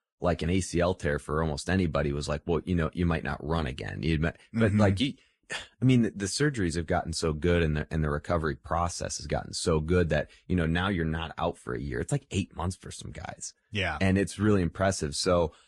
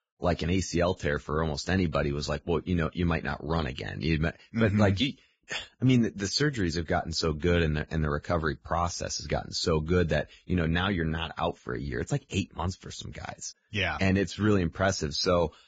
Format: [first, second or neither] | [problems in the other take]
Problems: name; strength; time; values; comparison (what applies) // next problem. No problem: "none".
first | garbled, watery; badly; nothing above 7.5 kHz; slightly in the first